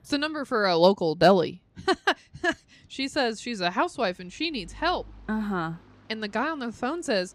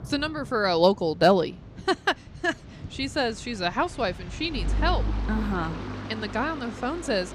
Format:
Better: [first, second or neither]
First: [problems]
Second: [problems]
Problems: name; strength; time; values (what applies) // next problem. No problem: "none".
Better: first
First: rain or running water; faint; throughout; 30 dB below the speech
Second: rain or running water; loud; throughout; 9 dB below the speech